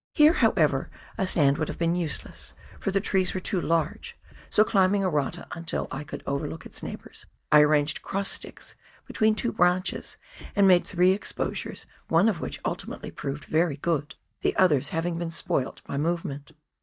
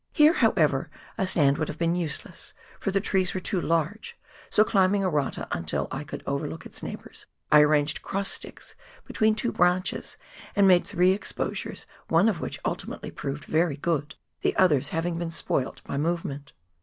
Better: second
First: noise reduction (neural mask model DeepFilterNet 3)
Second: none

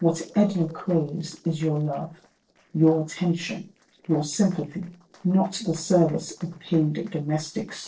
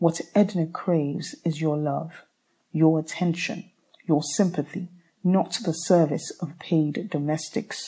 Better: second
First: noise reduction (neural separator model SepFormer DNS4)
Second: none

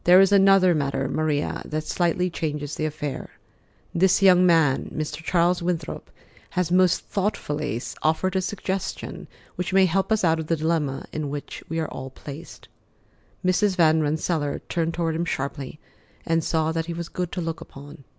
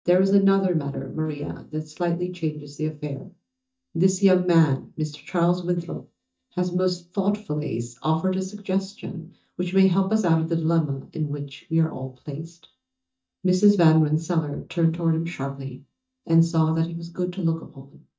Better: first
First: none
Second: noise reduction (neural mask model DeepFilterNet 3)

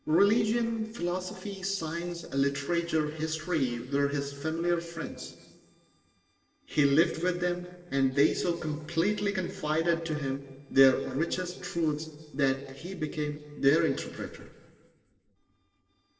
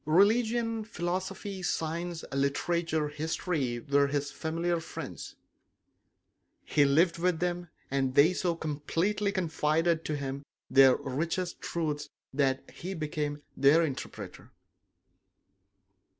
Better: second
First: noise reduction (neural separator model SepFormer DNS4)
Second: none

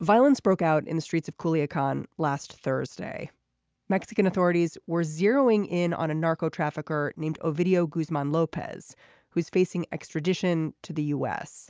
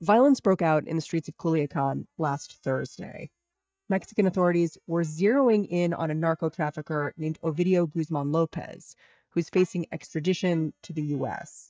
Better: first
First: none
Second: noise reduction (neural mask model DeepFilterNet 3)

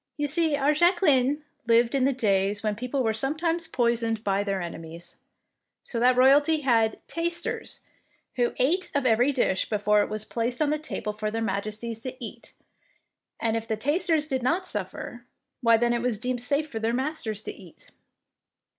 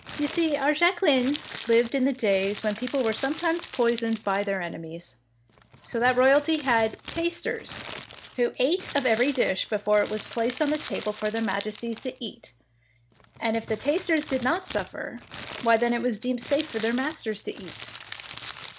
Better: first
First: none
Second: background sound (Crumpling, crinkling); 16 dB below the speech

